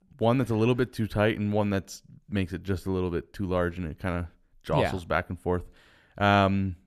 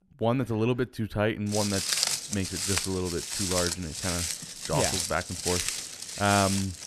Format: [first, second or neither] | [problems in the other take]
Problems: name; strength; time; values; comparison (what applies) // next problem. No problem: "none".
first | footsteps; loud; from 1.5 s on; peak 5 dB above the speech